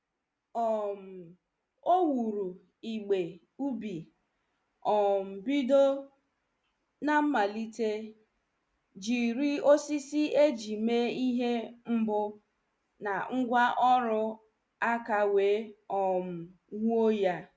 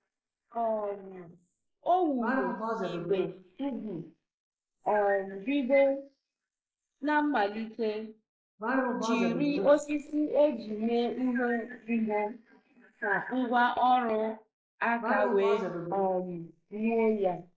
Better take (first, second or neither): first